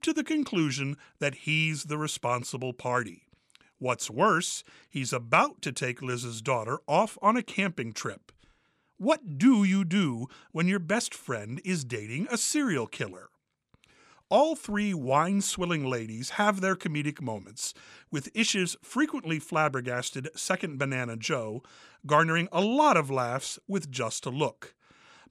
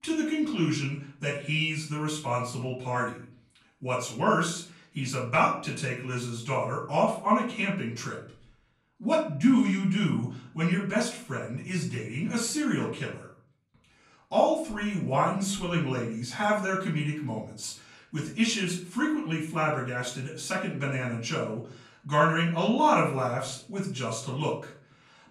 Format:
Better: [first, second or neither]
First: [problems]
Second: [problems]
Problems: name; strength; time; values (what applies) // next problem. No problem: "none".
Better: first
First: none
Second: off-mic speech; far // room echo; slight; dies away in 0.4 s